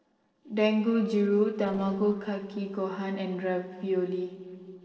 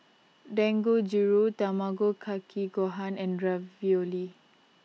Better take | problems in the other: second | noise reduction (neural separator model SepFormer DNS4)

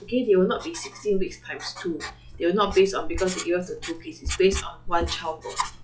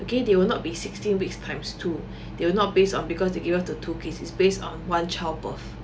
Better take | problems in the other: second | noise reduction (classical method log-MMSE)

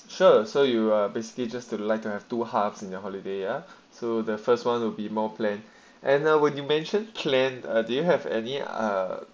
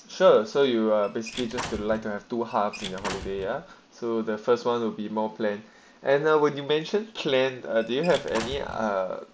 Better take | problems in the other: first | background sound (Squeak / Slam / Wood); 12 dB below the speech

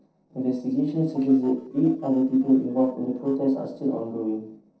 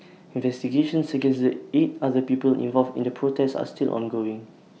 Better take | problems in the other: second | noise reduction (neural separator model SepFormer DNS4)

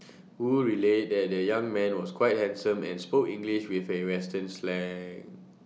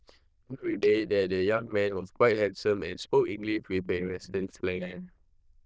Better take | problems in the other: first | noise reduction (neural diffusion model UNIVERSE++)

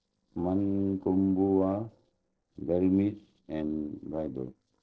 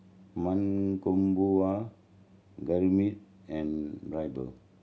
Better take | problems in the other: second | noise reduction (neural separator model SepFormer DNS4)

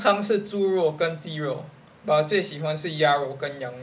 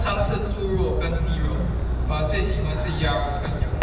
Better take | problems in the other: first | background sound (Fireworks); 4 dB above the speech // room echo; dies away in 1.4 s

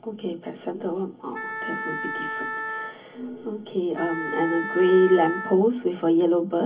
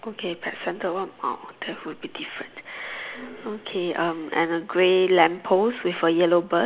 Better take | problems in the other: second | background sound (Wind instrument, woodwind instrument); 8 dB below the speech // room echo; dies away in 0.3 s

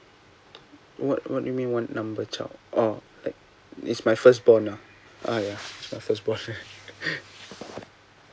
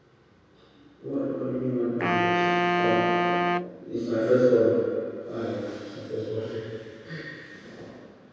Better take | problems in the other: first | background sound (Wind instrument, woodwind instrument); 2 dB above the speech // room echo; dies away in 2 s

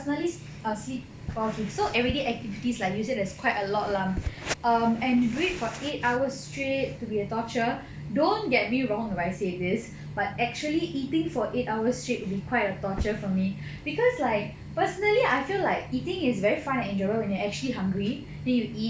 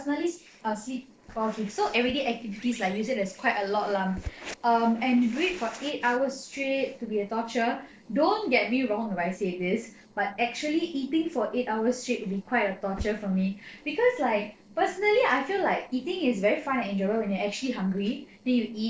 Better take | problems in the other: first | noise reduction (neural separator model SepFormer DNS4)

